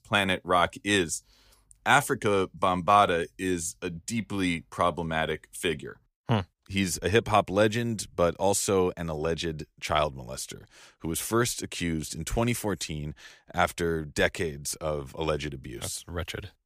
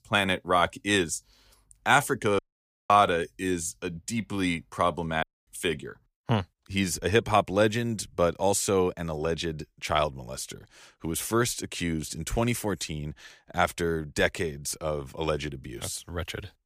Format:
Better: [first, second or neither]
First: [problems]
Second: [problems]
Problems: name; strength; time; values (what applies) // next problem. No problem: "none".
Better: first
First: none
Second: audio cutting out; at 2.5 s for 0.5 s and at 5 s